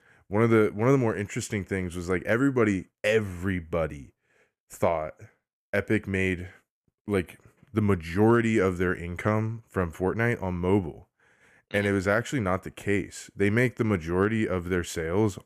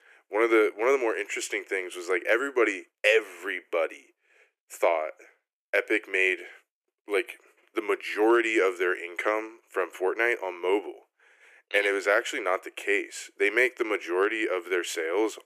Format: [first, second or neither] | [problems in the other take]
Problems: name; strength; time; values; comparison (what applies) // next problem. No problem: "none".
first | thin; very; fading below 350 Hz